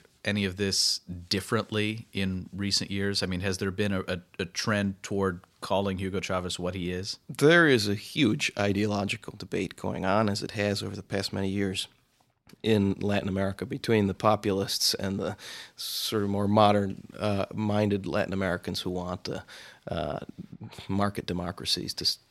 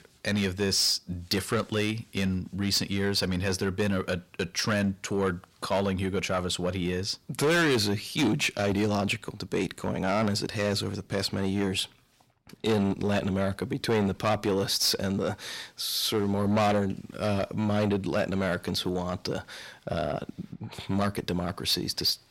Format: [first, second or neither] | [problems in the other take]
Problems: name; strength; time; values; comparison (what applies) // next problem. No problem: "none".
first | distortion; heavy; 7 dB below the speech